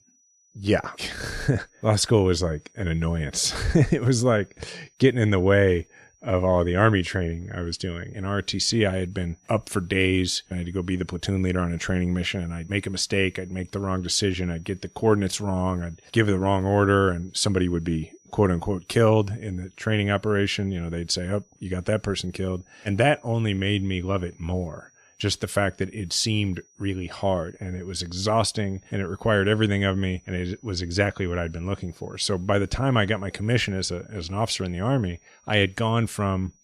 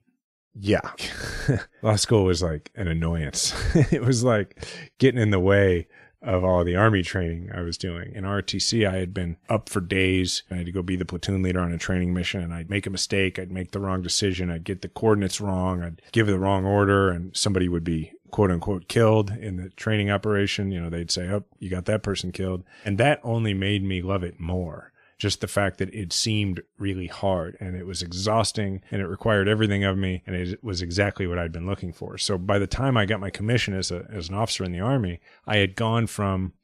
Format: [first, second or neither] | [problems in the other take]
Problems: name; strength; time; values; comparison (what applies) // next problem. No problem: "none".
second | high-pitched whine; faint; throughout; 6 kHz, 35 dB below the speech